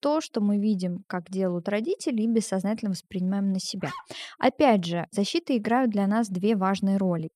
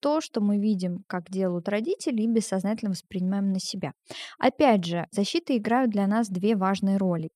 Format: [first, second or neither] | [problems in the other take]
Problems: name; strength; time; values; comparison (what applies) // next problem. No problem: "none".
second | dog barking; faint; at 4 s; peak 15 dB below the speech